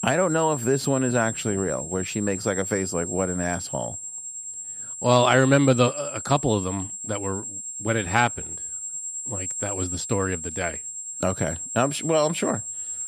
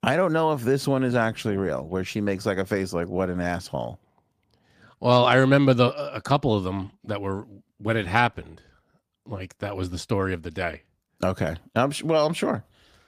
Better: second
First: high-pitched whine; loud; throughout; 7.5 kHz, 6 dB below the speech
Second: none

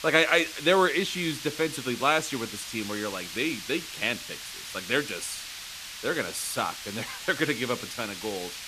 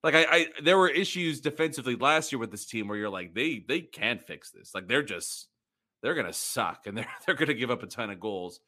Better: second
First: hiss; loud; throughout; 9 dB below the speech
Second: none

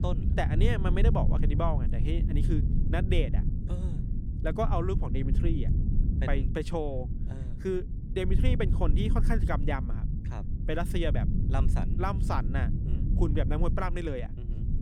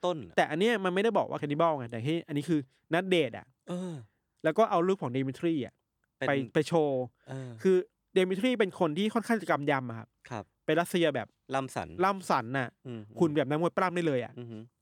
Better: second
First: low rumble; loud; throughout; 8 dB below the speech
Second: none

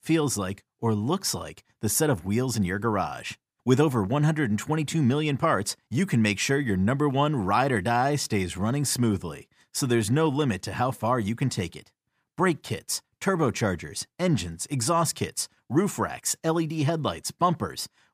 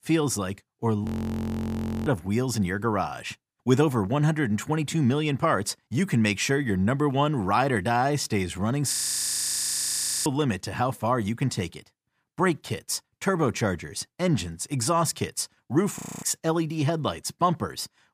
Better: first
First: none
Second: audio freezing; at 1 s for 1 s, at 9 s for 1.5 s and at 16 s

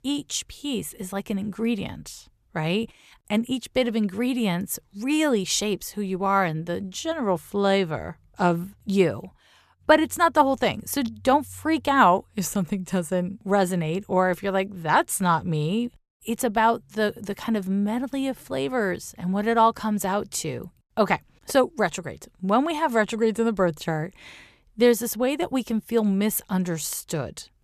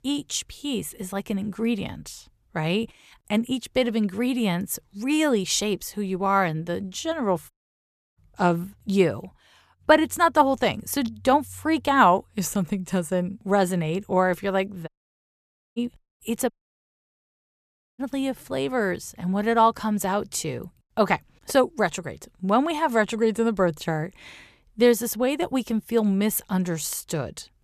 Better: first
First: none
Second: audio cutting out; at 7.5 s for 0.5 s, at 15 s for 1 s and at 17 s for 1.5 s

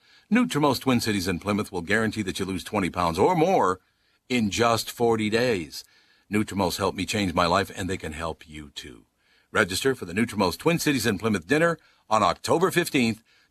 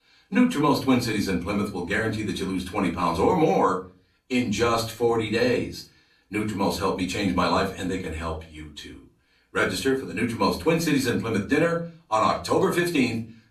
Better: first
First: none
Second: off-mic speech; far // room echo; very slight; dies away in 0.3 s

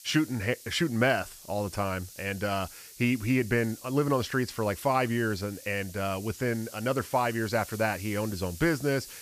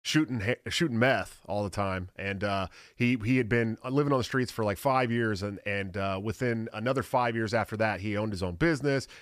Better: second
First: hiss; noticeable; throughout; 15 dB below the speech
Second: none

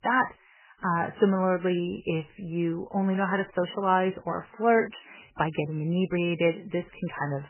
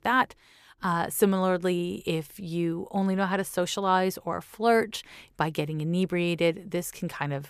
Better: second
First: garbled, watery; badly; nothing above 3 kHz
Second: none

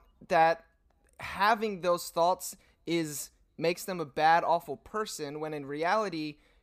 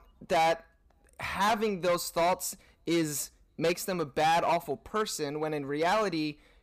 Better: first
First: none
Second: distortion; heavy; 10% of the sound clipped

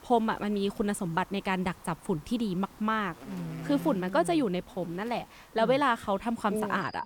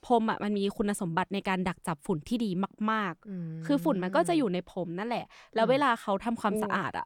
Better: second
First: animal sounds; faint; throughout; 20 dB below the speech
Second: none

